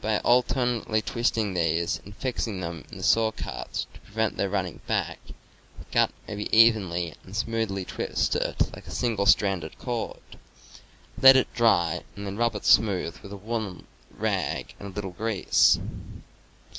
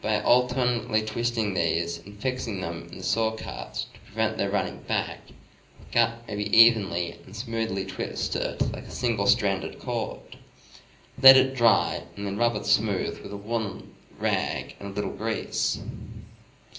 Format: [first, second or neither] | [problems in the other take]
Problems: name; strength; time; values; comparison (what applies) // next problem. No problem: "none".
first | room echo; dies away in 0.5 s